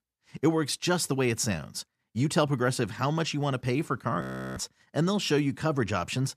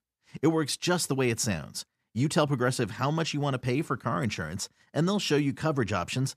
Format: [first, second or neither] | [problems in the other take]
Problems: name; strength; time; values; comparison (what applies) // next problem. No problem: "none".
second | audio freezing; at 4 s